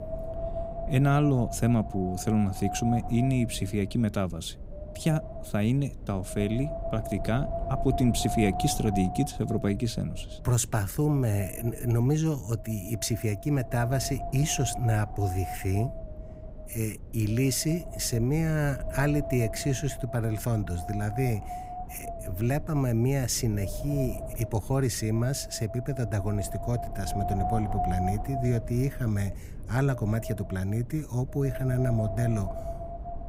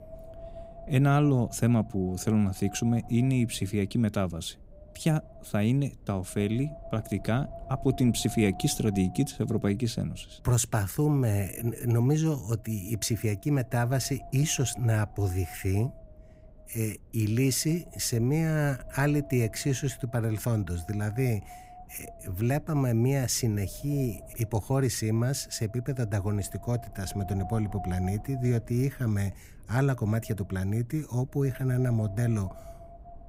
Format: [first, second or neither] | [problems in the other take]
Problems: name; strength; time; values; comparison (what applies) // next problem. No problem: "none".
second | wind noise on the microphone; heavy; 4 dB below the speech; occasional gusts in the second